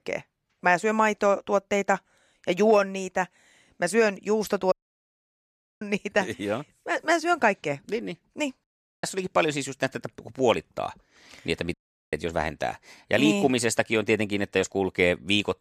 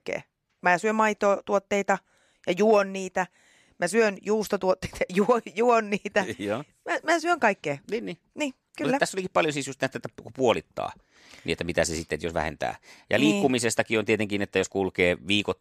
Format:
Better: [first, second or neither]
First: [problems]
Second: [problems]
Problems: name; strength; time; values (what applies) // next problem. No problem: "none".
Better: second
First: audio cutting out; at 4.5 s for 1 s, at 8.5 s and at 12 s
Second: none